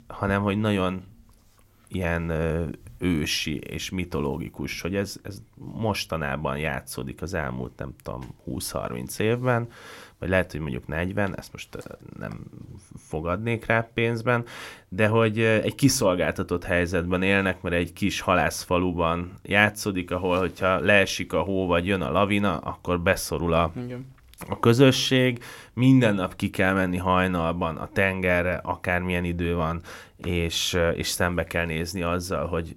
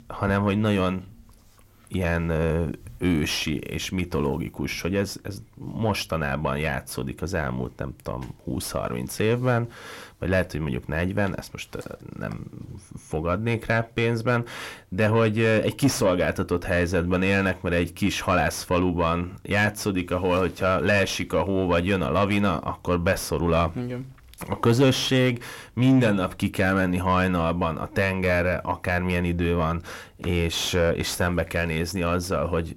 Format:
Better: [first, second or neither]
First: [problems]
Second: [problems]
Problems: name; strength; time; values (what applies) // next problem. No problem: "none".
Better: first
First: none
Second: distortion; slight; 10 dB below the speech